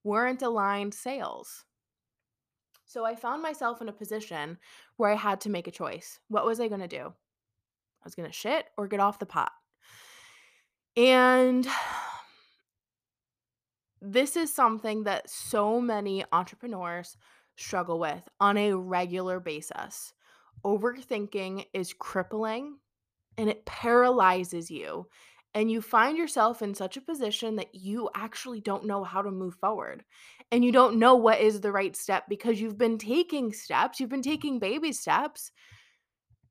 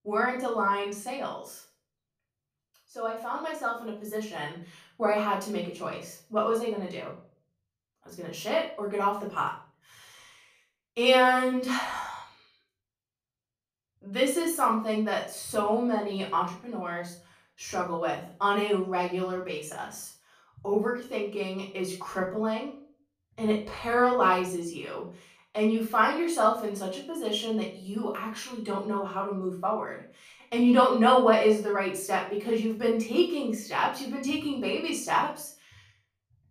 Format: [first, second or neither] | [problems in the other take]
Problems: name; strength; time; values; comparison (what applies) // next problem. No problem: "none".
first | off-mic speech; far // room echo; slight; dies away in 0.4 s